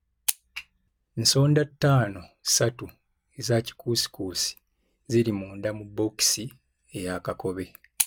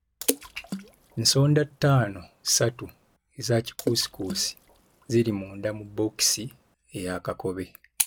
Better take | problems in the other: first | background sound (Water / Splash, splatter); 13 dB below the speech

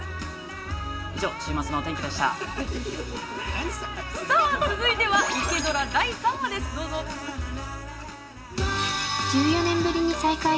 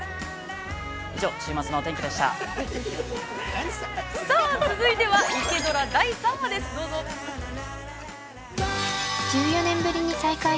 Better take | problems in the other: second | room echo; dies away in 0.5 s

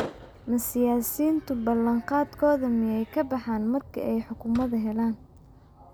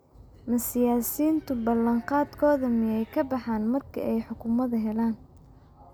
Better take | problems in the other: second | background sound (Fireworks); 19 dB below the speech

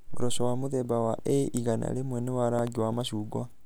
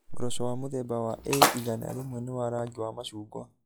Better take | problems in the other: first | noise reduction (classical method log-MMSE)

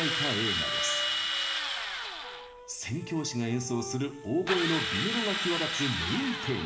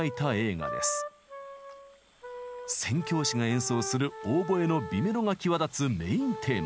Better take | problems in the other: second | background sound (Drill); as loud as the speech // room echo; dies away in 2.3 s

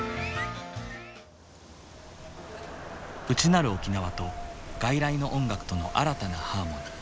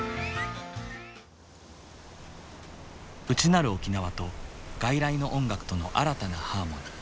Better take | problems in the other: second | background sound (Crowd + Wind); 14 dB below the speech

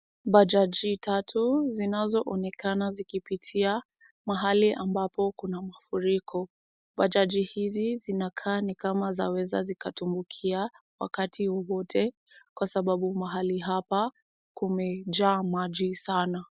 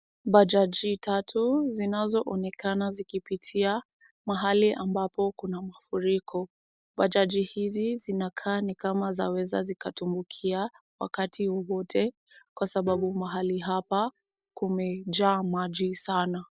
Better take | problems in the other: first | noise reduction (neural separator model SepFormer DNS4)

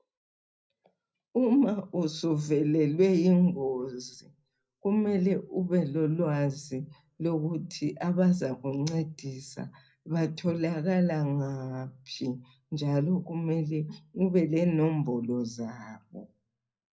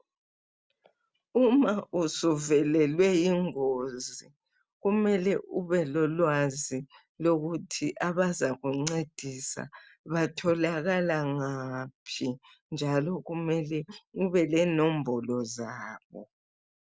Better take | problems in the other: second | room echo; dies away in 0.4 s

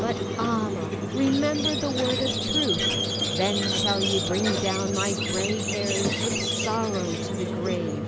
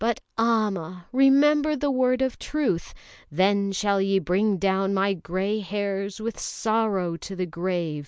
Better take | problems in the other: second | background sound (Squeak + Chirp, tweet); 2 dB above the speech

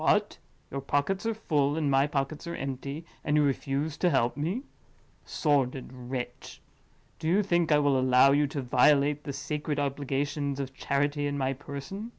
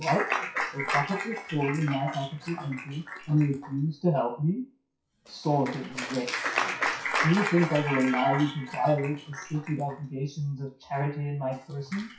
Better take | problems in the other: first | noise reduction (classical method WPE with log-MMSE)

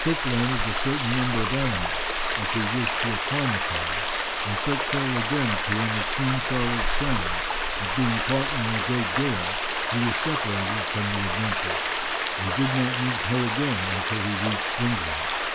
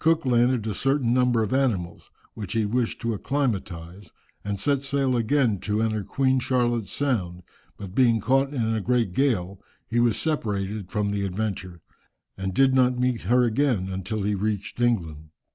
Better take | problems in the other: second | background sound (Stream); 2 dB above the speech

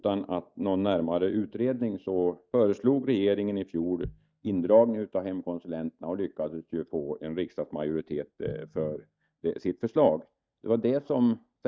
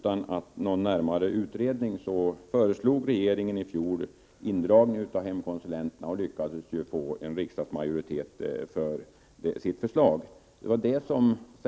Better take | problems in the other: second | noise reduction (neural mask model DeepFilterNet 3)

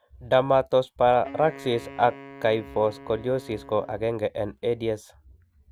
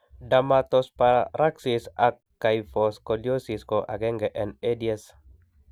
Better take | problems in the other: second | background sound (Wind instrument, woodwind instrument); 19 dB below the speech

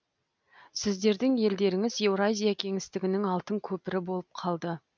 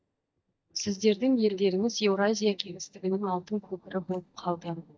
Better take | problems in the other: first | noise reduction (neural mask model DeepFilterNet 3)

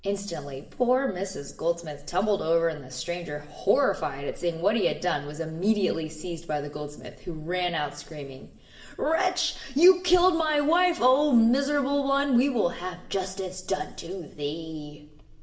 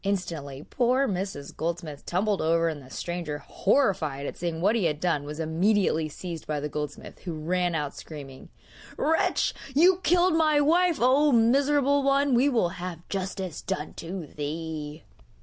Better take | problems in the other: second | room echo; dies away in 1.1 s

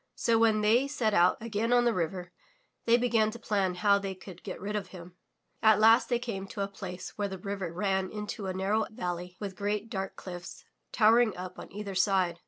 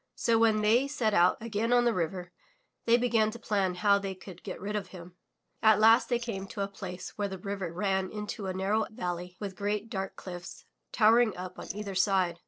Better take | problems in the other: first | noise reduction (neural separator model SepFormer DNS4)

